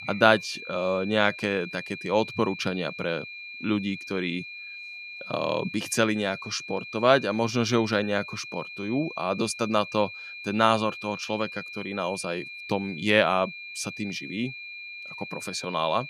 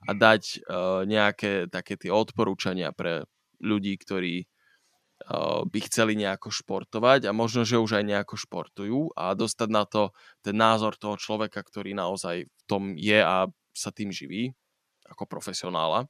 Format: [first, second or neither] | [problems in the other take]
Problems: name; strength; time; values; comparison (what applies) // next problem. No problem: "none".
second | high-pitched whine; noticeable; throughout; 2.5 kHz, 10 dB below the speech